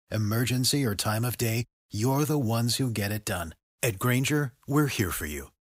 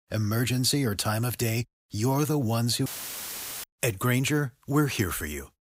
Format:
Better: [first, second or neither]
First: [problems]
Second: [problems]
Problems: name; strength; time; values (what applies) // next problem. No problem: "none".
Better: first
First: none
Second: audio cutting out; filled with static; at 3 s for 1 s